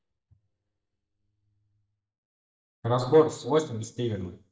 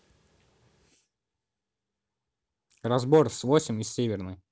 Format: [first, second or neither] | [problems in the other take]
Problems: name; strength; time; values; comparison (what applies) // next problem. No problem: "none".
second | noise reduction (neural mask model DeepFilterNet 3)